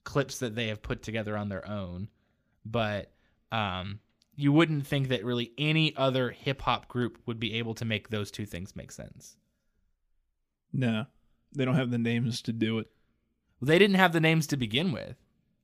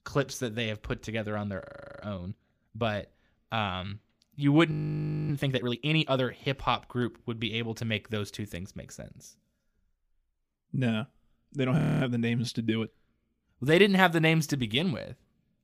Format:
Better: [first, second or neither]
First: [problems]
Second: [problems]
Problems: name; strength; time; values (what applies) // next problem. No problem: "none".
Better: first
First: none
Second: audio freezing; at 1.5 s, at 4.5 s for 0.5 s and at 12 s